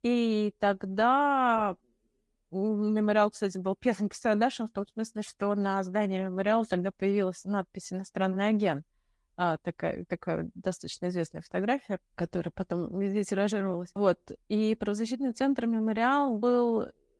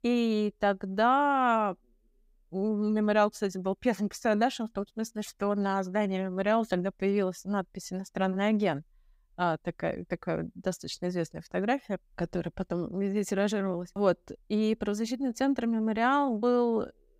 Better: second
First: garbled, watery; slightly; nothing above 10 kHz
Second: none

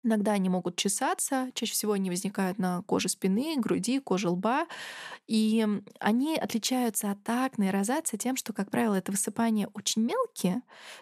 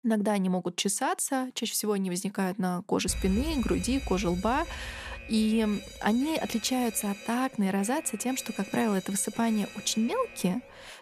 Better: first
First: none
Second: alarm; noticeable; from 3 s on; peak 7 dB below the speech

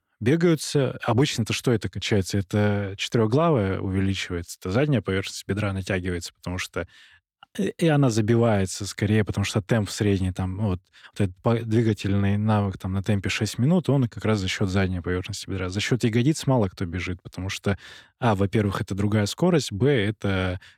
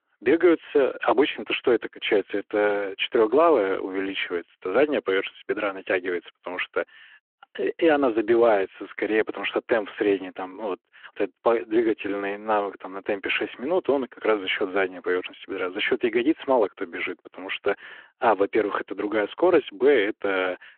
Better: first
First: none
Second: phone-call audio

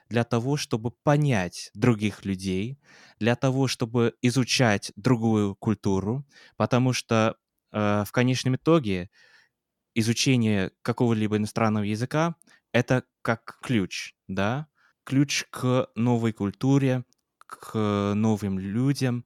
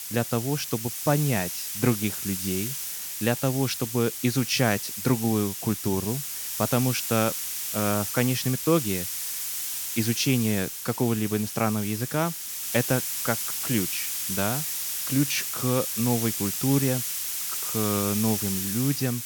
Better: first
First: none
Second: hiss; loud; throughout; 2 dB below the speech

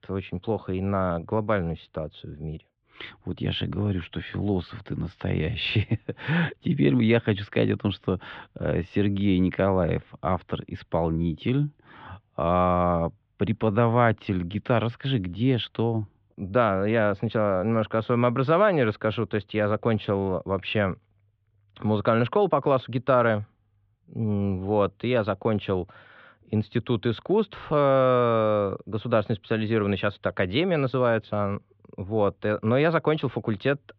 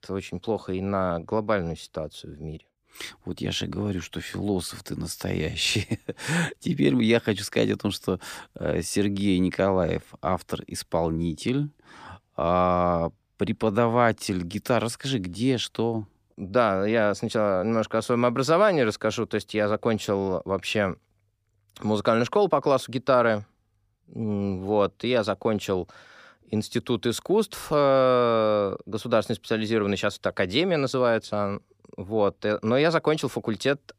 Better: second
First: muffled; very; fading above 3.5 kHz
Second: none

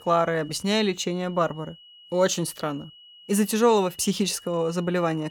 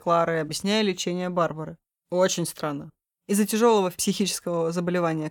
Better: second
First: high-pitched whine; faint; throughout; 3 kHz, 25 dB below the speech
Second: none

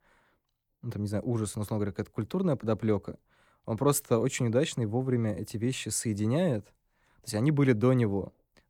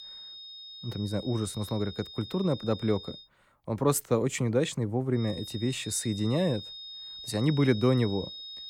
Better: first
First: none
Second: high-pitched whine; noticeable; until 3 s and from 5 s on; 3.5 kHz, 10 dB below the speech

